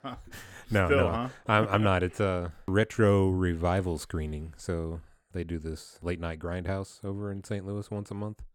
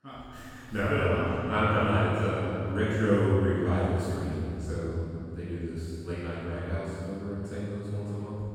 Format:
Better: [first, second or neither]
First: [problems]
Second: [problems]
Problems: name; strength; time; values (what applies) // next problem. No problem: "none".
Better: first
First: none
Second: room echo; strong; dies away in 2.6 s // off-mic speech; far